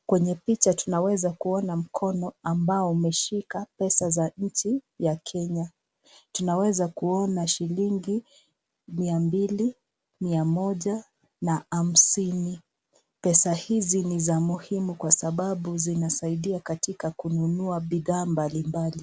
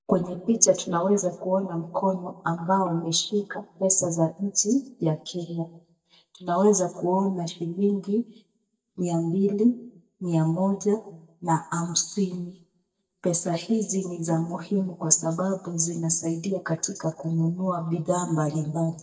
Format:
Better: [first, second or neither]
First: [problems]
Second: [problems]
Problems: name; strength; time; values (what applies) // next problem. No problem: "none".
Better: first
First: none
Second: noise reduction (neural mask model DeepFilterNet 3)